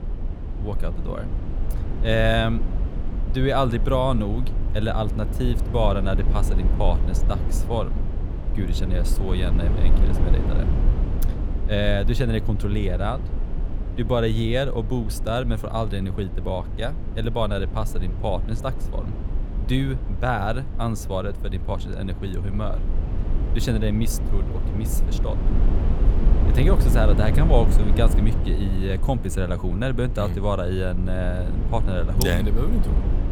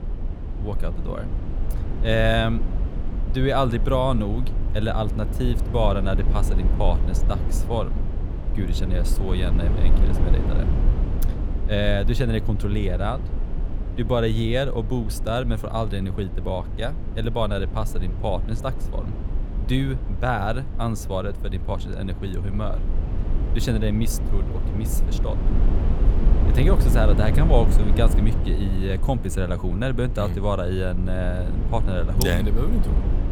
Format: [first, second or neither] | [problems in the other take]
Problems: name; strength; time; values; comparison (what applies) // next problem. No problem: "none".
neither | low rumble; noticeable; throughout; 10 dB below the speech; the same in both